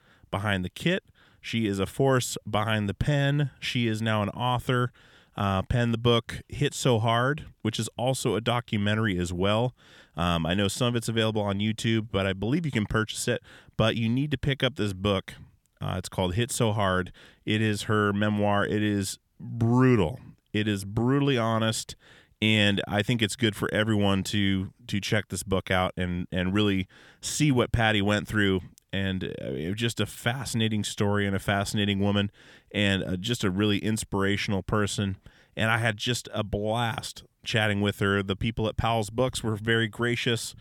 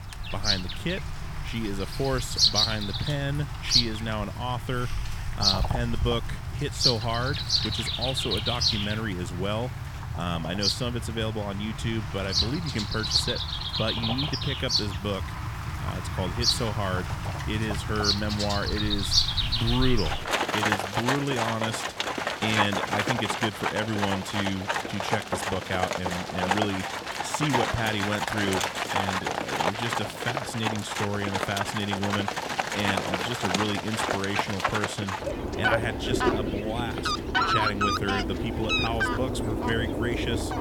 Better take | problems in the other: first | animal sounds; very loud; throughout; 3 dB above the speech

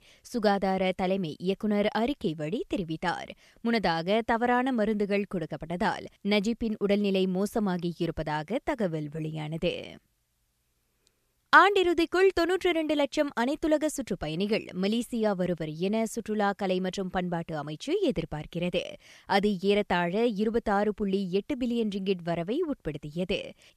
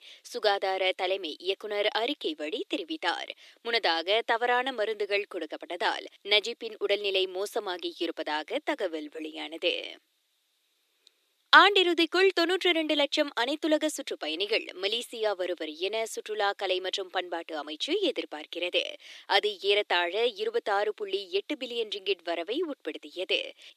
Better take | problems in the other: first | thin; very; fading below 300 Hz

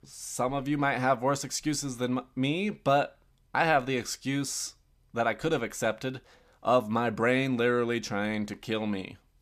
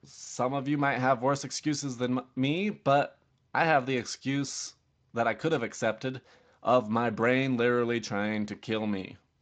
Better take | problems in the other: first | garbled, watery; slightly; nothing above 7.5 kHz

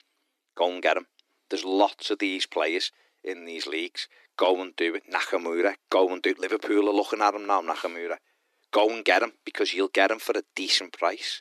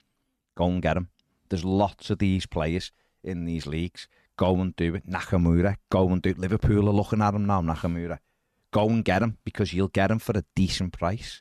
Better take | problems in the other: second | thin; very; fading below 300 Hz

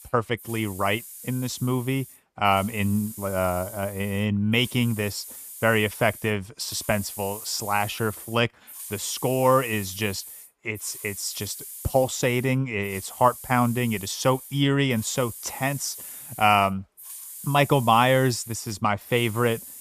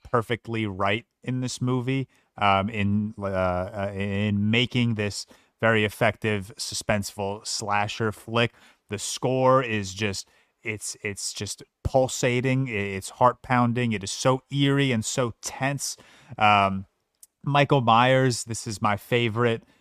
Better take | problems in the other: second | hiss; noticeable; throughout; 15 dB below the speech

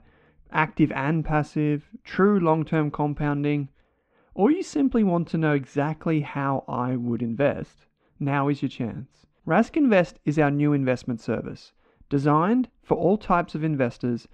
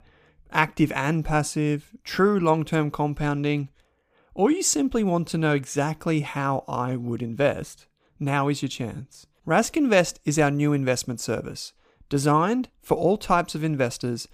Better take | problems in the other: second | muffled; very; fading above 2.5 kHz

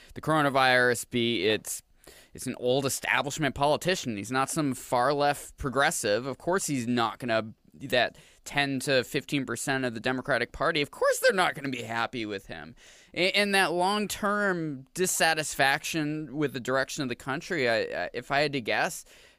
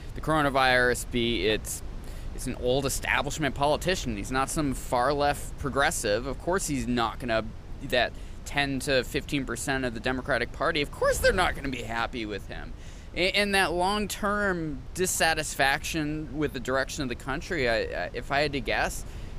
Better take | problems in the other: first | wind noise on the microphone; occasional gusts; 25 dB below the speech

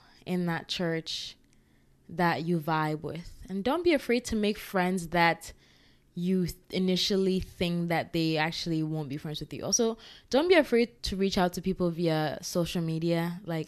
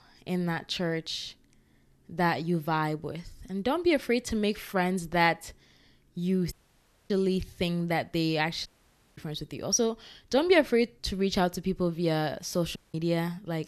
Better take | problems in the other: first | audio cutting out; at 6.5 s for 0.5 s, at 8.5 s for 0.5 s and at 13 s

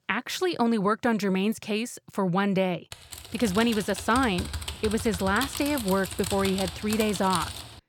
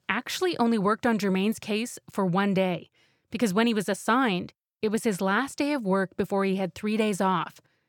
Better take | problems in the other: second | keyboard typing; noticeable; from 3 s on; peak 5 dB below the speech

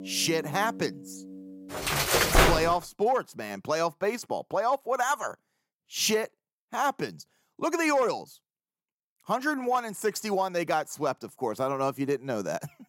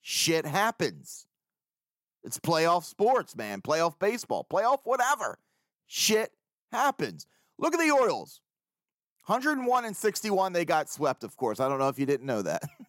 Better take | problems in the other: second | background music; very loud; until 3 s; 5 dB above the speech

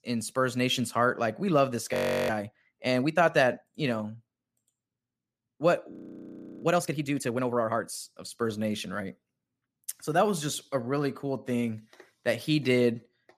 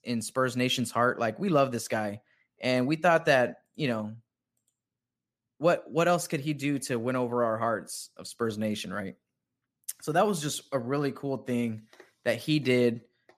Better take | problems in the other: second | audio freezing; at 2 s and at 6 s for 0.5 s

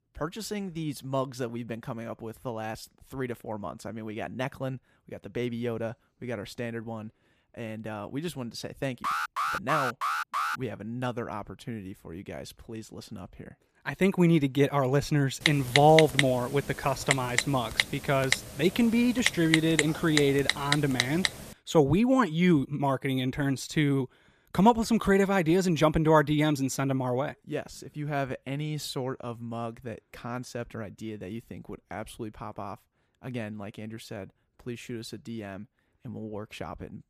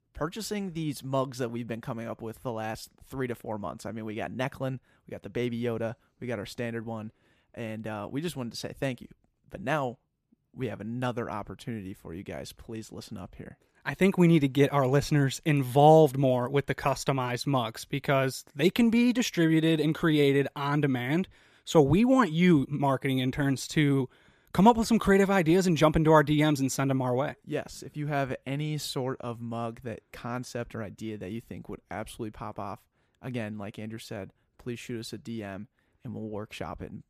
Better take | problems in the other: second | alarm; noticeable; from 9 to 11 s; peak 1 dB below the speech // keyboard typing; loud; from 15 to 21 s; peak 3 dB above the speech

